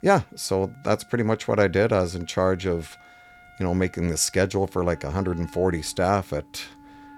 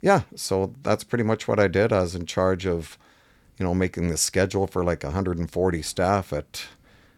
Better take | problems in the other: second | background music; faint; throughout; 25 dB below the speech

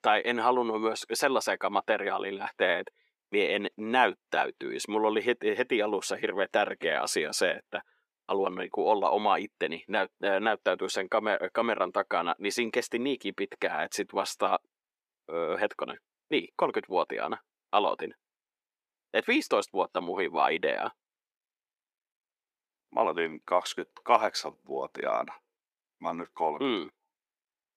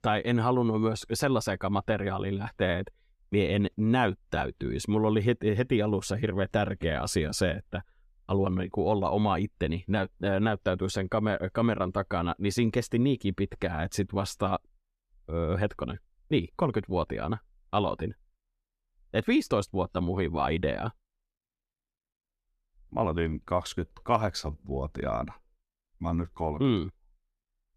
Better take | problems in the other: second | thin; somewhat; fading below 350 Hz

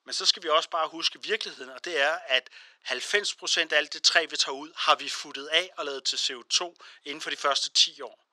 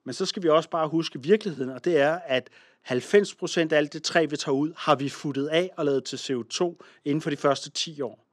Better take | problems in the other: second | thin; very; fading below 900 Hz

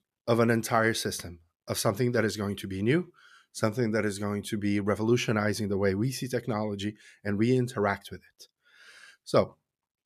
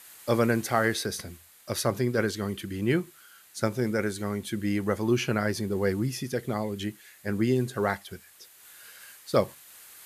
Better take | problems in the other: first | hiss; faint; throughout; 20 dB below the speech

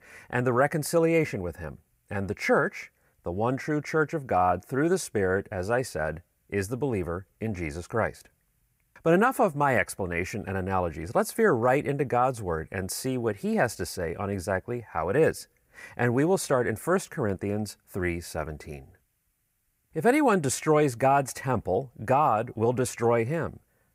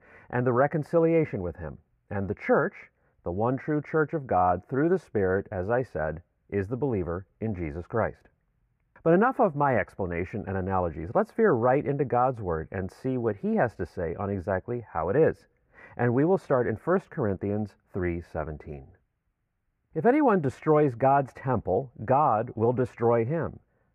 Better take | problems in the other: first | muffled; very; fading above 3.5 kHz

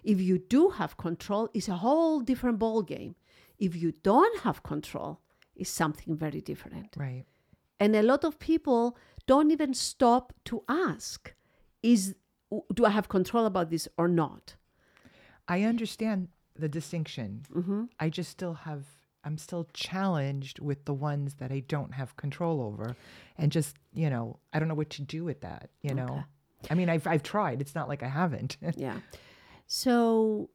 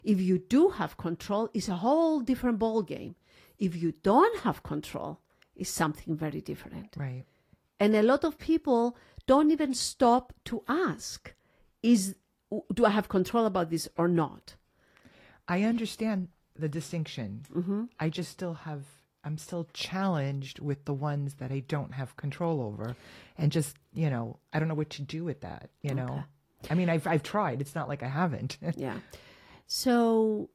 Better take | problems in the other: first | garbled, watery; slightly

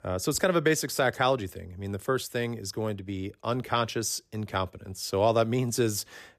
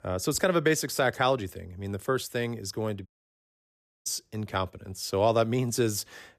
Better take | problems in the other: first | audio cutting out; at 3 s for 1 s

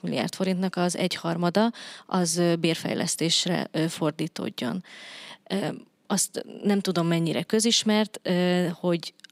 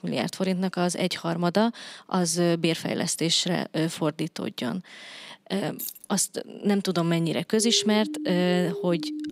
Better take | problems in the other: first | jangling keys; noticeable; at 6 s; peak 9 dB below the speech // siren; noticeable; from 7.5 s on; peak 8 dB below the speech

